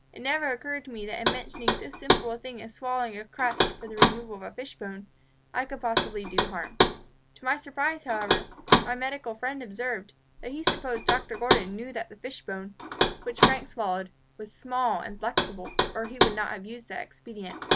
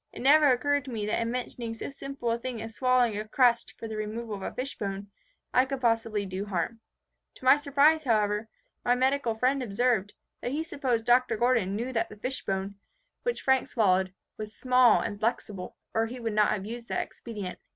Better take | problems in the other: second | background sound (Knock); 3 dB above the speech

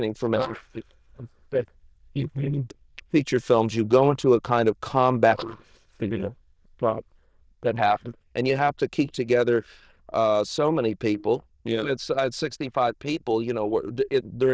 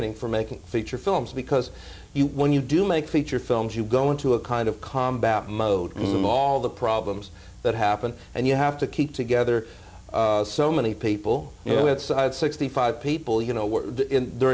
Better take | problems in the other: second | noise reduction (neural diffusion model UNIVERSE++)

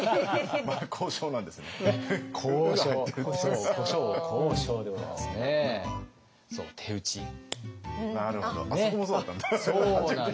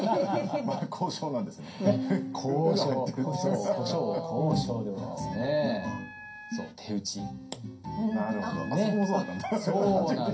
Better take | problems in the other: first | background sound (Wind instrument, woodwind instrument); 17 dB below the speech // room echo; dies away in 0.3 s

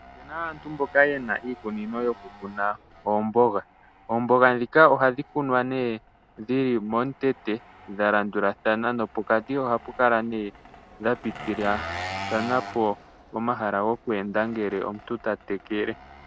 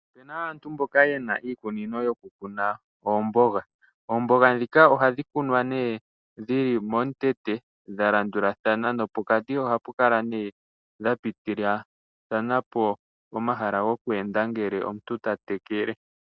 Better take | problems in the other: second | background sound (Engine); 17 dB below the speech

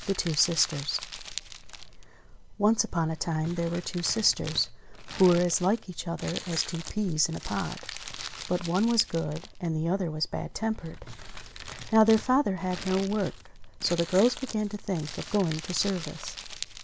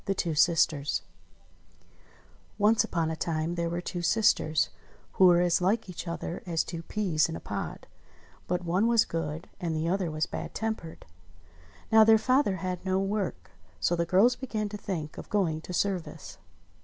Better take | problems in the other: second | background sound (Crumpling, crinkling); 14 dB below the speech

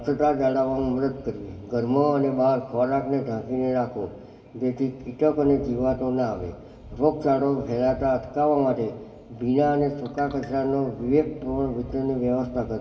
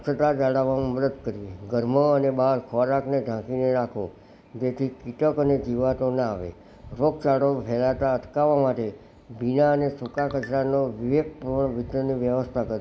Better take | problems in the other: second | room echo; dies away in 2.3 s

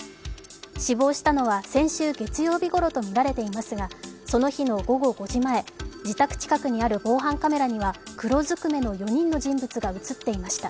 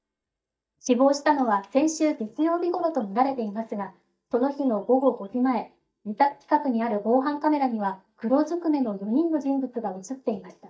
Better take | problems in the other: first | noise reduction (neural mask model DeepFilterNet 3)

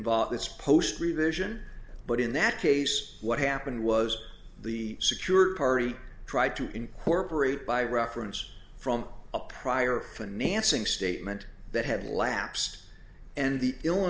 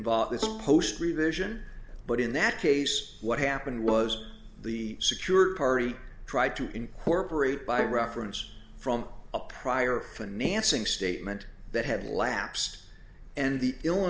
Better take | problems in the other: first | background sound (Bowed string instrument); 12 dB below the speech

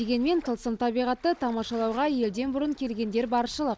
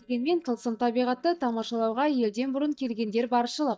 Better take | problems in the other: first | noise reduction (neural mask model DeepFilterNet 3)

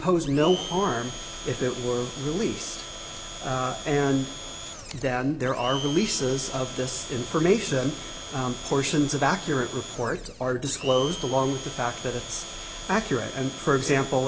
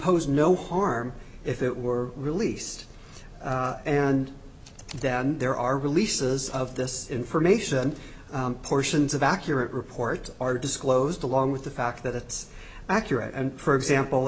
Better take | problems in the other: second | background sound (Domestic sounds, home sounds); 11 dB below the speech

